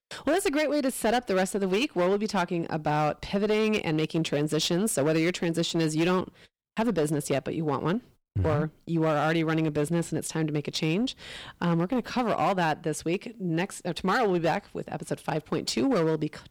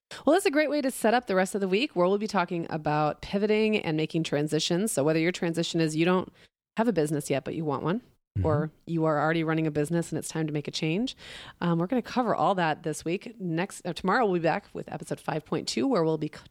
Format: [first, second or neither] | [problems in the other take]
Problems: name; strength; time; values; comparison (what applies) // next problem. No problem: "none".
second | distortion; slight; 10% of the sound clipped